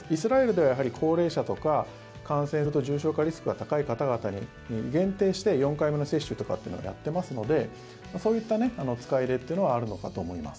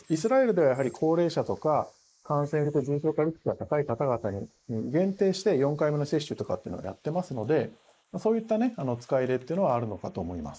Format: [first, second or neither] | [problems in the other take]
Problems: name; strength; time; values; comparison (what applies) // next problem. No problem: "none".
first | noise reduction (neural mask model Resemble Enhance denoiser)